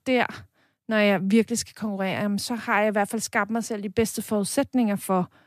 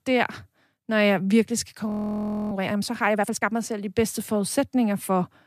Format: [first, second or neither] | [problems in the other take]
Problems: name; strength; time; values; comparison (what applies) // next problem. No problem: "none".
first | audio freezing; at 2 s for 0.5 s